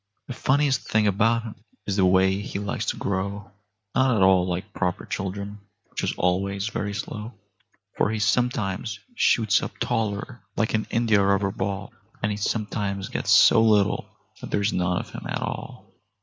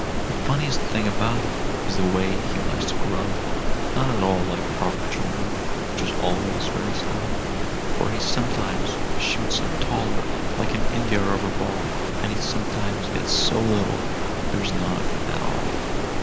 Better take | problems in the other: first | background sound (Stream); 4 dB above the speech

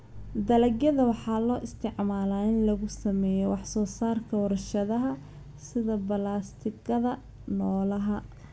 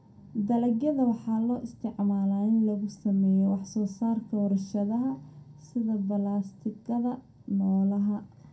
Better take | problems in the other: first | room echo; dies away in 0.2 s

